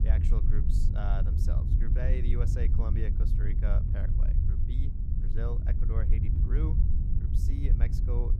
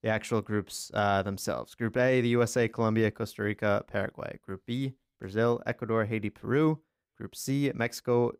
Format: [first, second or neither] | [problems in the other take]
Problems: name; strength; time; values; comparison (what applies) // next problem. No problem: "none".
second | low rumble; loud; throughout; 1 dB below the speech